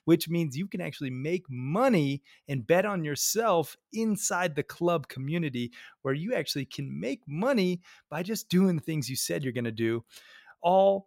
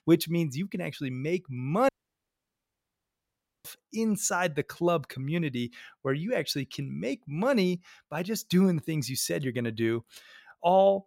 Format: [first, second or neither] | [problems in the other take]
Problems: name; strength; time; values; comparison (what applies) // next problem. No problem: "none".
first | audio cutting out; at 2 s for 2 s